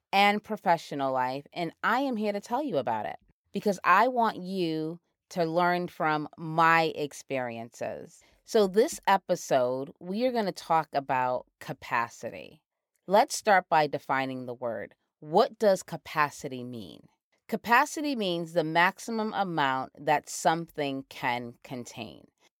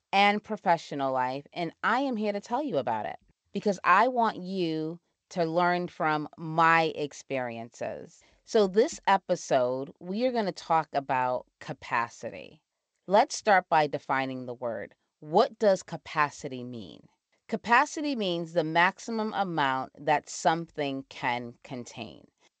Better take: first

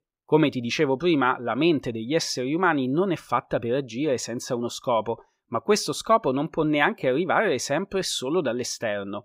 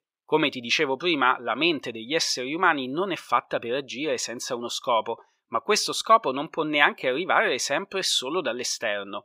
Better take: first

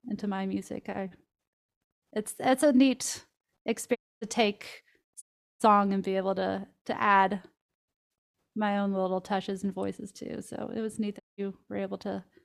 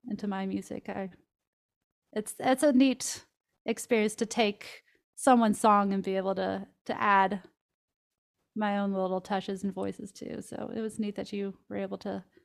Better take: second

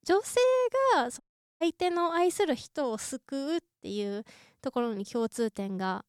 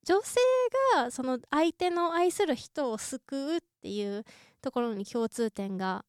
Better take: second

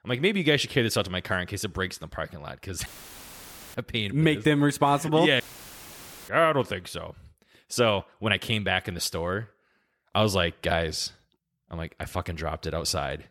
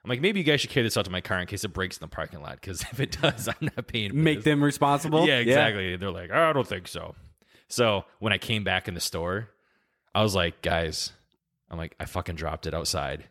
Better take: second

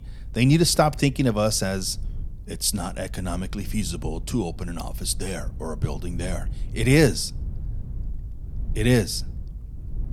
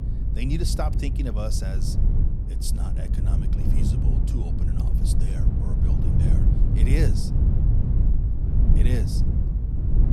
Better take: first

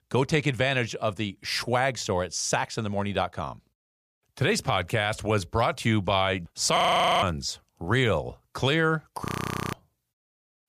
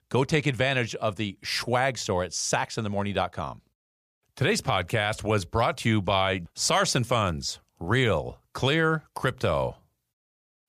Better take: second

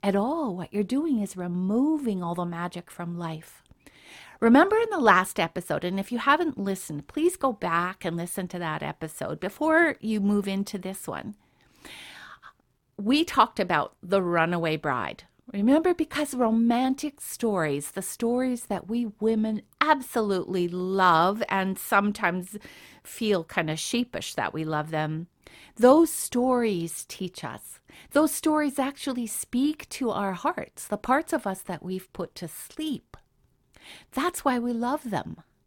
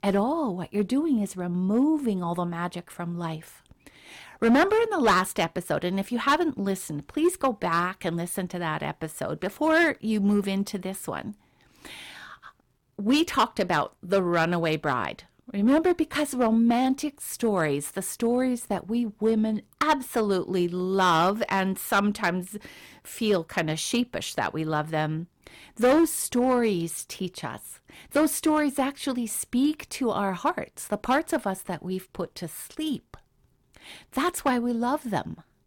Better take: first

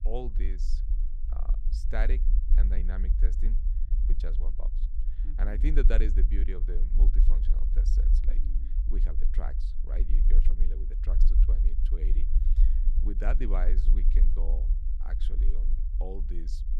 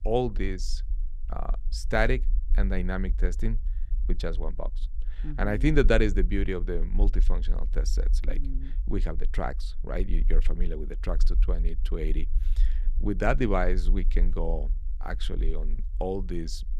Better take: second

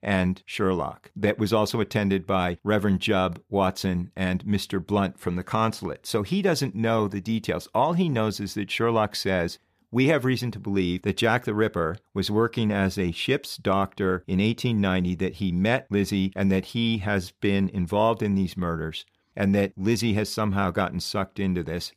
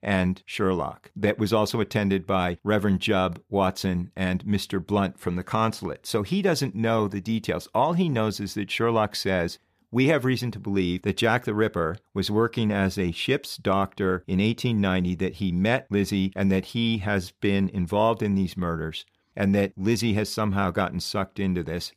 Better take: neither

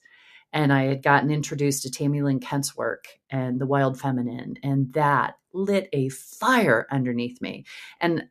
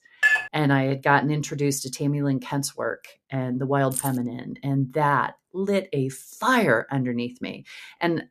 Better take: first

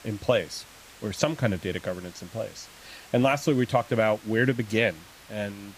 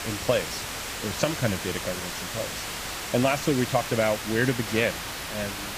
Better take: first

